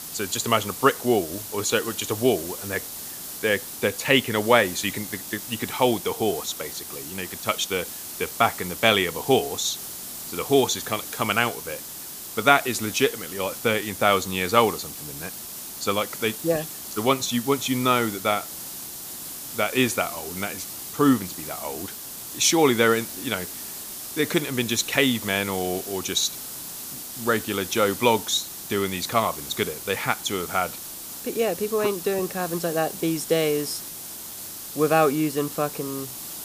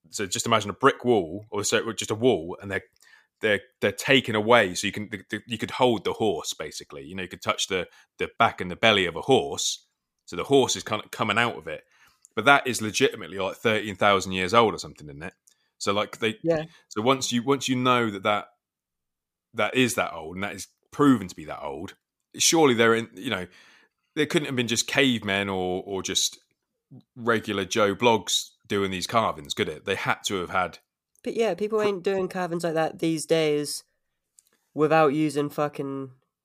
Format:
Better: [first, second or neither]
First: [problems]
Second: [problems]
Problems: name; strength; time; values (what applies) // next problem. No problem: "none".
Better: second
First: hiss; loud; throughout; 9 dB below the speech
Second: none